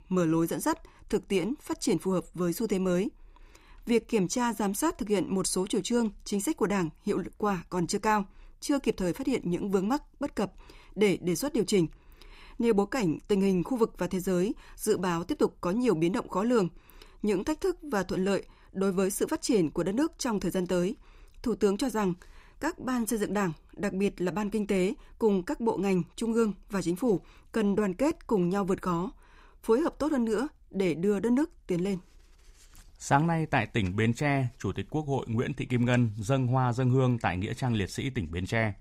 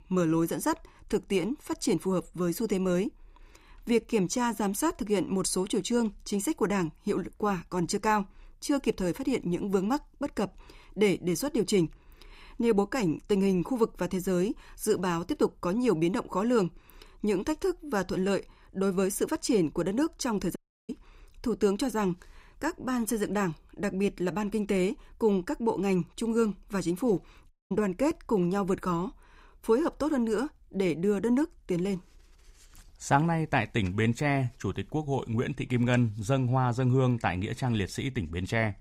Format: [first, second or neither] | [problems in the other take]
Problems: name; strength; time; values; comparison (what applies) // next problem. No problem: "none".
first | audio cutting out; at 21 s and at 28 s